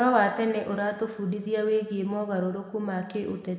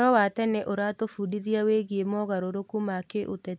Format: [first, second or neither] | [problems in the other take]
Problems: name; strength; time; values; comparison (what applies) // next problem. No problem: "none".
second | room echo; dies away in 1.3 s